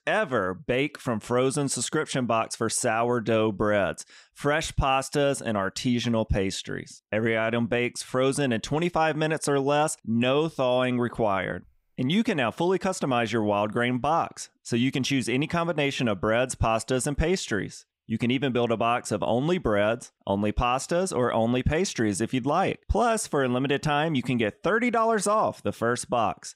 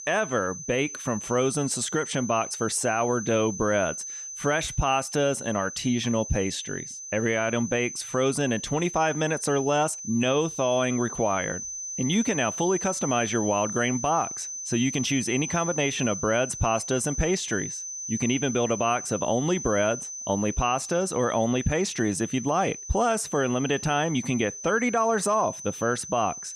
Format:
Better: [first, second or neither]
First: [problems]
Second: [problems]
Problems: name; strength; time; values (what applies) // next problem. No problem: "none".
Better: first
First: none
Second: high-pitched whine; loud; throughout; 6 kHz, 8 dB below the speech